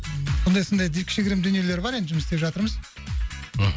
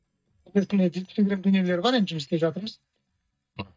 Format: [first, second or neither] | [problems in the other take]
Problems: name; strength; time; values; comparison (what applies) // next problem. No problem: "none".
first | noise reduction (neural mask model DeepFilterNet 3)